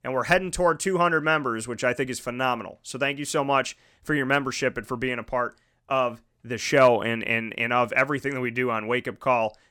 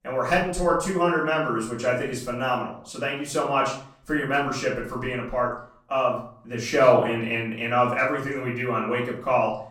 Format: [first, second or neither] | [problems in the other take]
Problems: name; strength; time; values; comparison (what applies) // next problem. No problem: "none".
first | off-mic speech; far // room echo; noticeable; dies away in 0.5 s